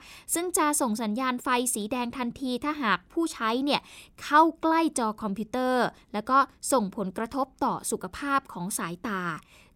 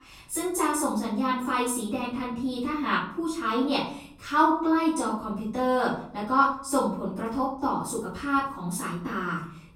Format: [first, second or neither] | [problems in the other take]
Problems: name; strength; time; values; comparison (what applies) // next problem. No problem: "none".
first | off-mic speech; far // room echo; noticeable; dies away in 0.5 s